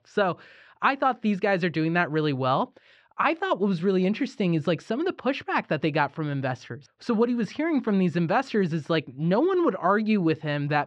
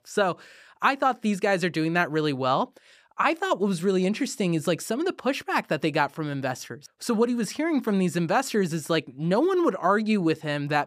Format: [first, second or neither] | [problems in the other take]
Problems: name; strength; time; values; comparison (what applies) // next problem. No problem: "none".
second | muffled; very slightly; fading above 4 kHz